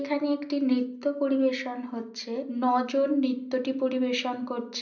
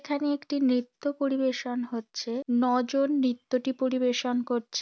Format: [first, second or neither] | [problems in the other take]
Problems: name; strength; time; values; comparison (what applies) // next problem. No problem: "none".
second | room echo; dies away in 0.5 s